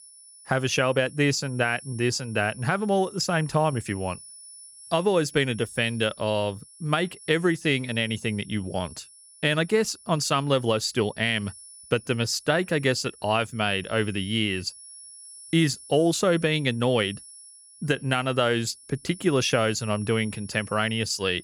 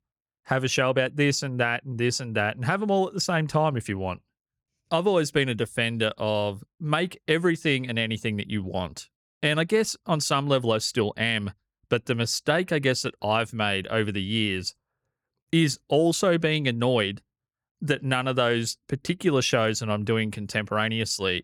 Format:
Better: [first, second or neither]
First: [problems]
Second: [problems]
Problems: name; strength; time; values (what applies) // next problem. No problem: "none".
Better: second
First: high-pitched whine; noticeable; throughout; 10 kHz, 20 dB below the speech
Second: none